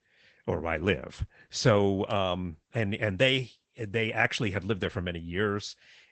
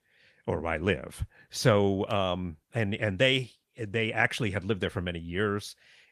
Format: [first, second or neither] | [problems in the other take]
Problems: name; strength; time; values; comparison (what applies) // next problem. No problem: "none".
second | garbled, watery; badly; nothing above 7.5 kHz; slightly in the second